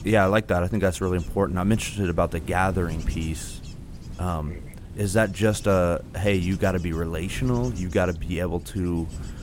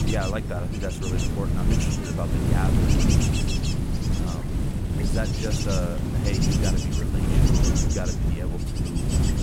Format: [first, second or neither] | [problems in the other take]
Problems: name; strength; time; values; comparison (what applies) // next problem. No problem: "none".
first | wind noise on the microphone; heavy; 3 dB above the speech; occasional gusts in the first